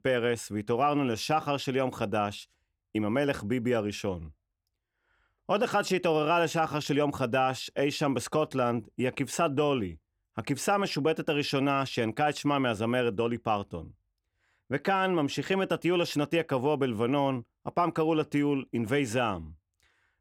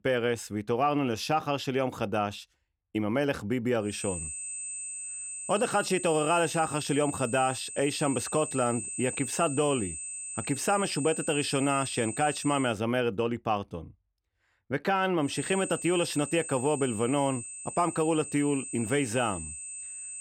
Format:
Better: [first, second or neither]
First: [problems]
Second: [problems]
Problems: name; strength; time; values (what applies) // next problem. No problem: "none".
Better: first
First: none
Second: high-pitched whine; loud; from 4 to 13 s and from 15 s on; 8 kHz, 7 dB below the speech